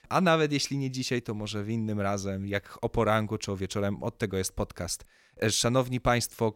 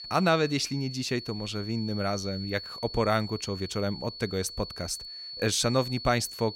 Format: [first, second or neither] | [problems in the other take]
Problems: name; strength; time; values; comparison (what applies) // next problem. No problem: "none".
first | high-pitched whine; loud; throughout; 4.5 kHz, 9 dB below the speech